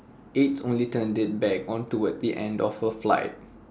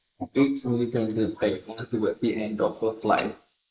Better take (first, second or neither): first